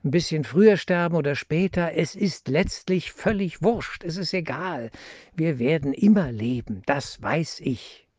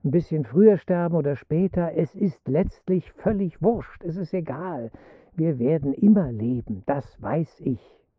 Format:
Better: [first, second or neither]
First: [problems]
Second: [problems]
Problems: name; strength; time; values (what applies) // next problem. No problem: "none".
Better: first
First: none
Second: muffled; very; fading above 2 kHz